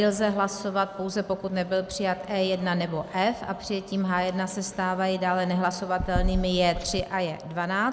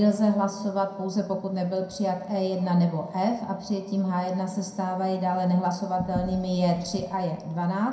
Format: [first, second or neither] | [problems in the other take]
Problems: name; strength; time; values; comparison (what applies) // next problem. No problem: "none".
first | room echo; dies away in 0.4 s